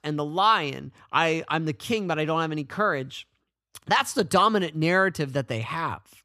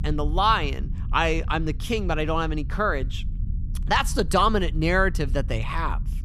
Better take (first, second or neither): first